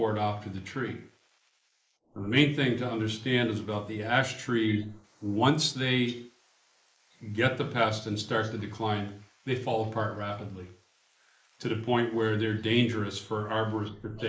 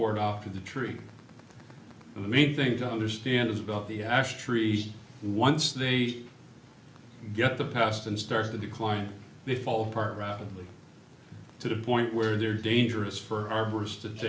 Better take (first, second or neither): second